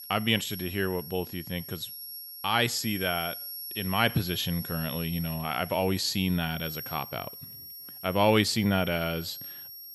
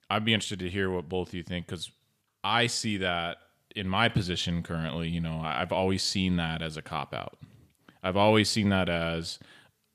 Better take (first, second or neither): second